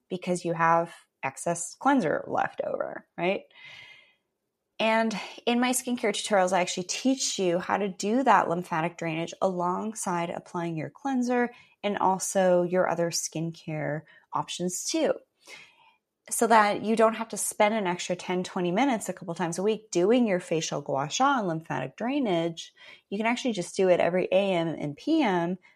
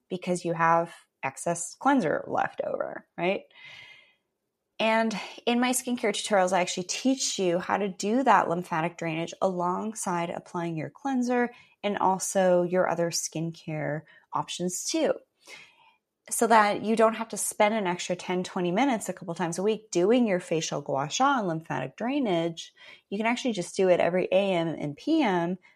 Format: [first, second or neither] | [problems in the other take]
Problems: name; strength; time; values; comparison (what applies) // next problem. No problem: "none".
neither | none